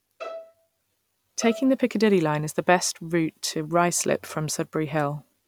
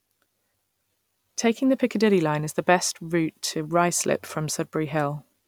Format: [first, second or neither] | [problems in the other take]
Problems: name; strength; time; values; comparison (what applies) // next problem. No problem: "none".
second | background sound (Bowed string instrument); 16 dB below the speech